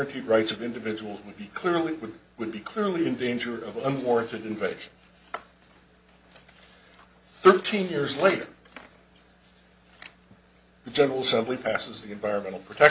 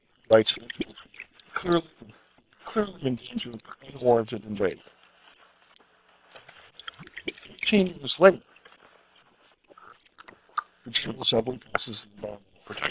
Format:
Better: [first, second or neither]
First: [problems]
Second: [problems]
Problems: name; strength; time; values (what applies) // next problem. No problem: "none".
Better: first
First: none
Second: noise reduction (neural separator model SepFormer WHAM!)